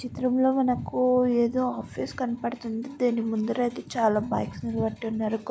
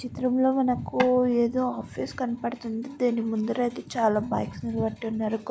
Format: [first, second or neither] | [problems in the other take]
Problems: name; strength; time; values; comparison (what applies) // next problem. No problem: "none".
first | background sound (Tap / Wood); 7 dB below the speech